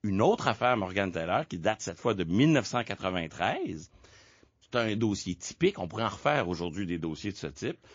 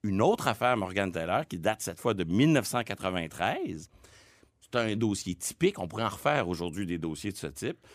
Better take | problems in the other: second | garbled, watery; slightly

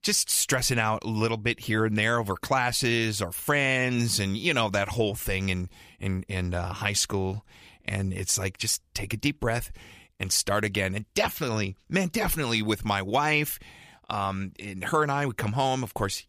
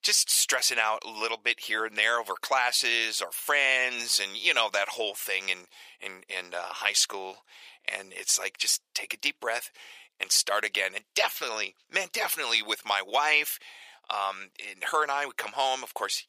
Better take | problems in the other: first | thin; very; fading below 550 Hz

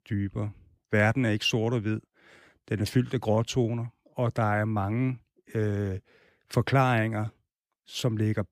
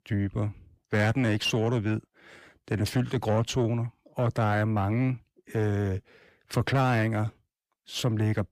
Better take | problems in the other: first | distortion; slight; 10 dB below the speech

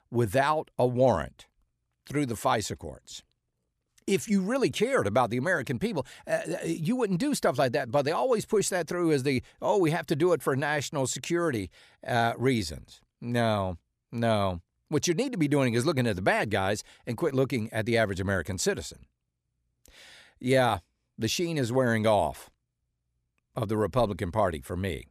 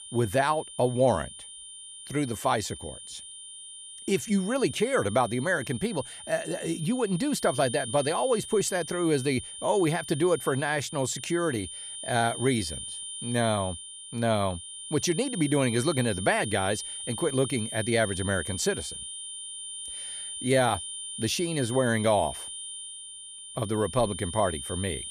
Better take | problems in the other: first | high-pitched whine; loud; throughout; 9 kHz, 9 dB below the speech

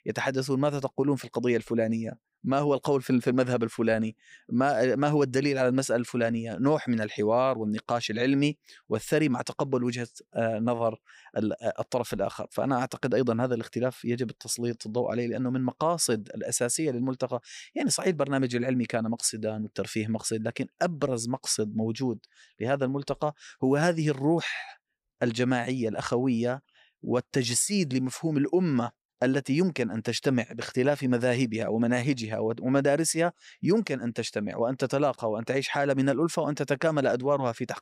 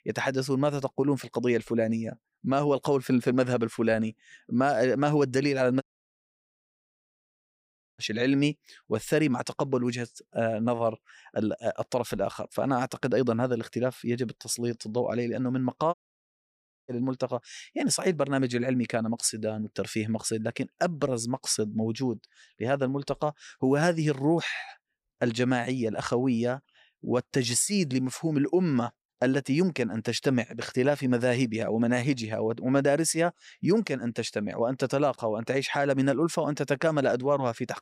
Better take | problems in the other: first | audio cutting out; at 6 s for 2 s and at 16 s for 1 s

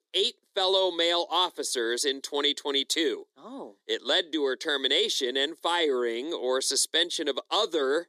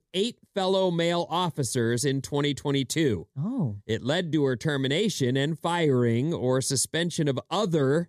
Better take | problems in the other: second | thin; very; fading below 300 Hz

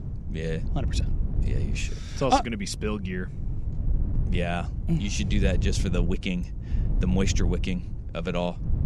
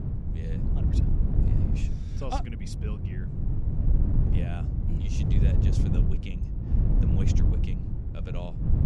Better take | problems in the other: first | wind noise on the microphone; heavy; 2 dB above the speech; occasional gusts in the first

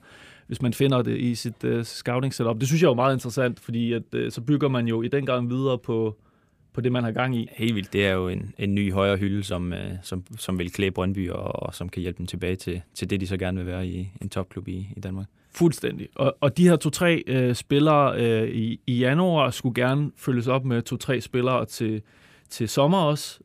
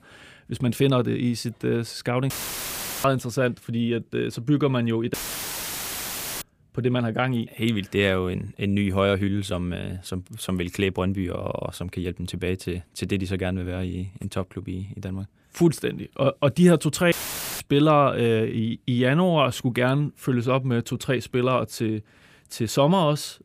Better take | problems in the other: first | audio cutting out; filled with static; at 2.5 s for 0.5 s, at 5 s for 1.5 s and at 17 s

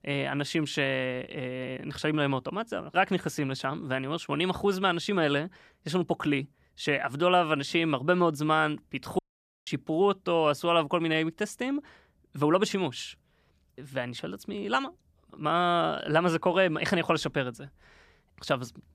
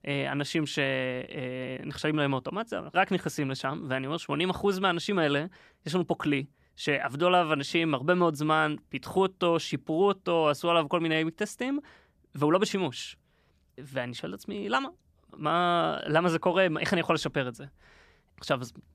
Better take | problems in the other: second | audio cutting out; at 9 s

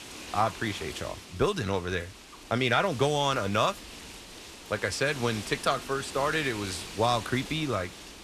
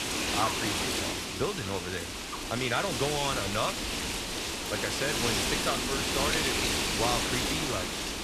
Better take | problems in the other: first | wind noise on the microphone; heavy; 3 dB above the speech; occasional gusts in the first

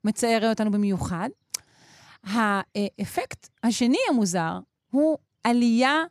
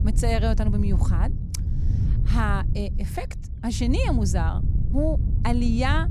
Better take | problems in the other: first | wind noise on the microphone; occasional gusts; 10 dB below the speech

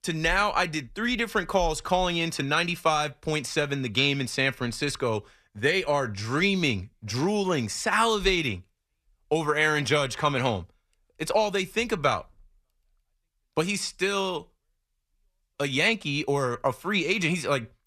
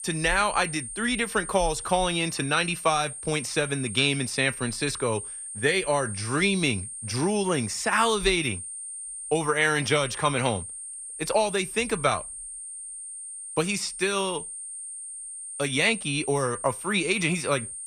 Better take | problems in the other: first | high-pitched whine; loud; throughout; 8.5 kHz, 9 dB below the speech

